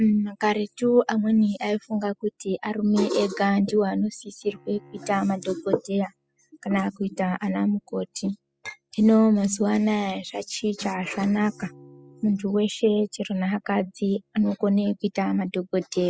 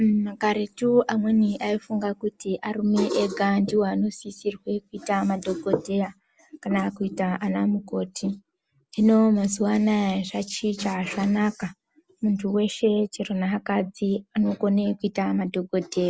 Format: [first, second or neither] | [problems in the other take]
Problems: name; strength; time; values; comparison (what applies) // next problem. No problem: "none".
second | noise reduction (classical method spectral subtraction)